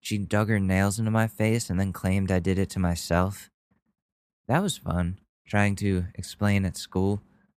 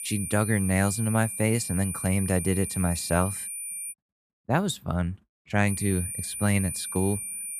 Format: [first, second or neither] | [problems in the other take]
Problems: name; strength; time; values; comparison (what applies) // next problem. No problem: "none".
first | high-pitched whine; loud; until 4 s and from 5.5 s on; 9.5 kHz, 5 dB below the speech